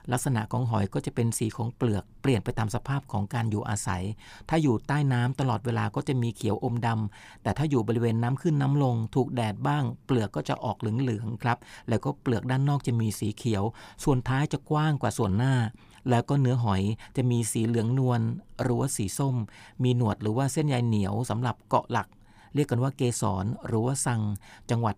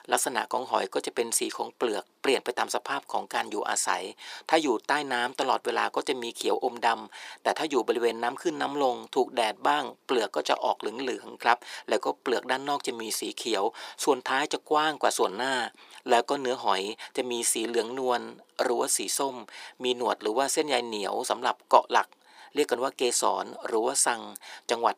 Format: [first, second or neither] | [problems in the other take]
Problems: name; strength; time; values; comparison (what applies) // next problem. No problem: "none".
first | thin; very; fading below 400 Hz